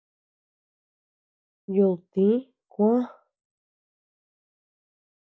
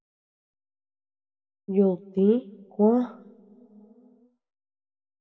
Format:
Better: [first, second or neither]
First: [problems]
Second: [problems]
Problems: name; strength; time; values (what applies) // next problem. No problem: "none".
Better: first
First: none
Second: room echo; dies away in 1.7 s